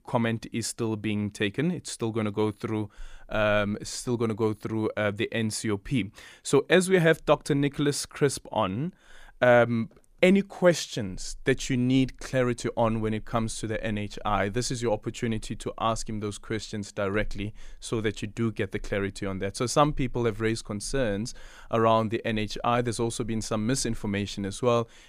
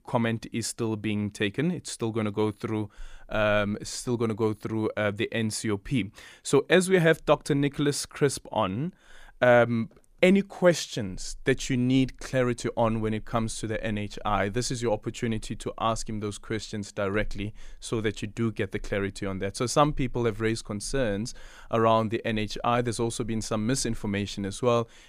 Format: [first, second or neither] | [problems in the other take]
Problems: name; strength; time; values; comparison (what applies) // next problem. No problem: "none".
neither | none